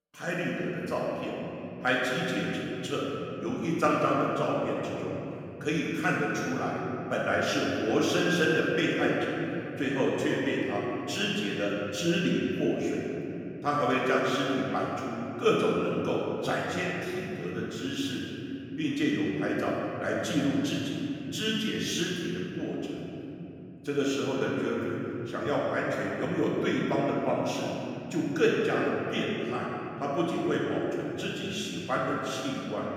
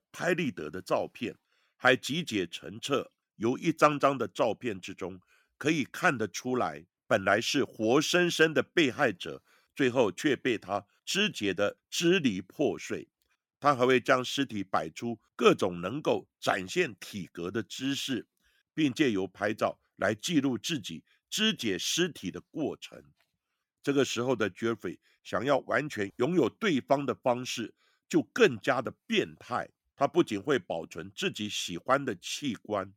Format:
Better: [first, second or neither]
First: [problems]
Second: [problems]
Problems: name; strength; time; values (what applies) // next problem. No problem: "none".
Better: second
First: room echo; strong; dies away in 3 s // off-mic speech; far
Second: none